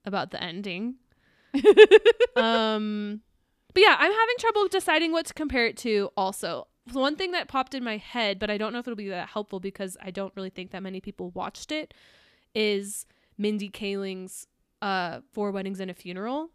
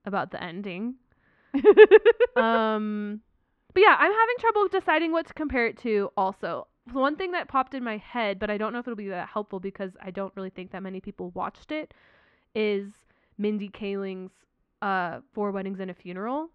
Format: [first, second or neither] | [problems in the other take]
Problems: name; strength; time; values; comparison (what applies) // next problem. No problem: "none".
first | muffled; very; fading above 2 kHz